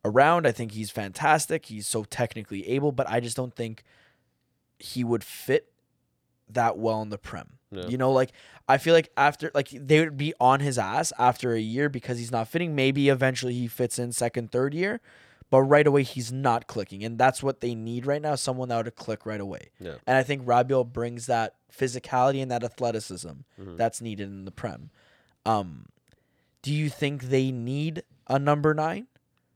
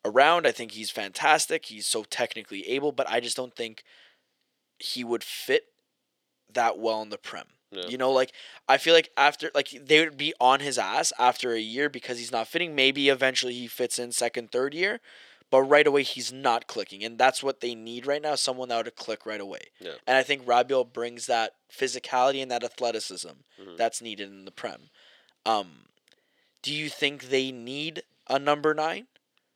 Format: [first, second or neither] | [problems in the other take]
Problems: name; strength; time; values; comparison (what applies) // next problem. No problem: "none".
first | thin; somewhat; fading below 350 Hz